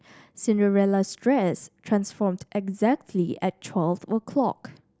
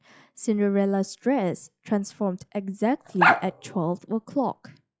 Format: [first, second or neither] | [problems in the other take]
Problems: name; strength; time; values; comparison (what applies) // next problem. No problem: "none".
first | noise reduction (classical method log-MMSE)